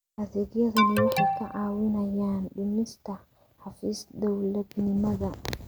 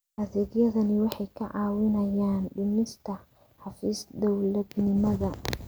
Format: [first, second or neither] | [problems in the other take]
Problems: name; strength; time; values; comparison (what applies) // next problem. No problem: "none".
second | background sound (Alarm); 1 dB above the speech